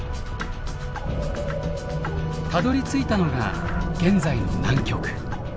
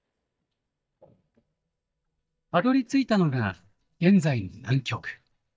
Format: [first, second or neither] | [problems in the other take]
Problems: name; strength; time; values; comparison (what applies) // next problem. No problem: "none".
first | noise reduction (neural mask model DeepFilterNet 3)